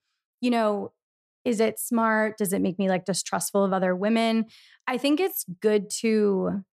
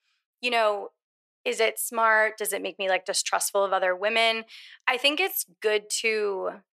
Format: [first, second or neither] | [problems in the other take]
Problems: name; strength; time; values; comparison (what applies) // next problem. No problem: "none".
first | thin; very; fading below 500 Hz